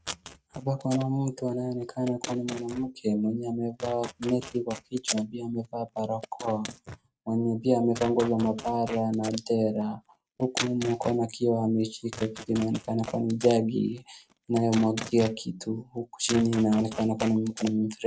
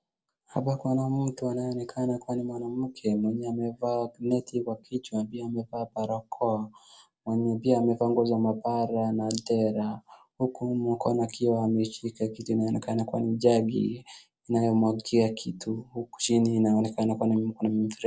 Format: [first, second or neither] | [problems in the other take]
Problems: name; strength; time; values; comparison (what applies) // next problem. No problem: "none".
second | noise reduction (neural mask model RNNoise)